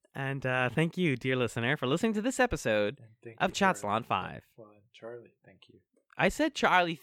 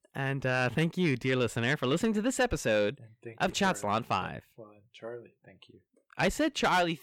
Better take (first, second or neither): first